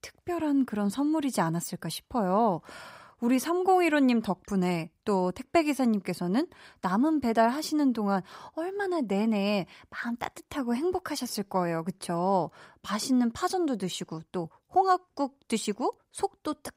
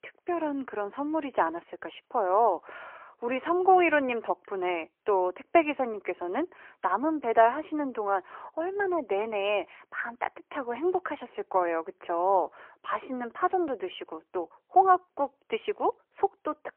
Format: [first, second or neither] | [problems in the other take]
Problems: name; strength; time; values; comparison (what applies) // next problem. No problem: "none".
first | phone-call audio; poor line; nothing above 3 kHz